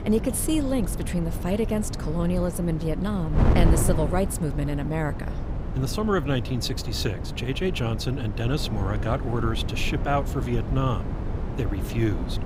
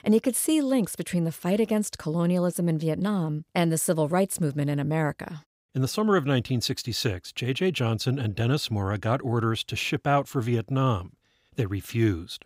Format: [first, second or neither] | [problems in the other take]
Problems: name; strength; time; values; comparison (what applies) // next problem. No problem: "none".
second | wind noise on the microphone; heavy; 8 dB below the speech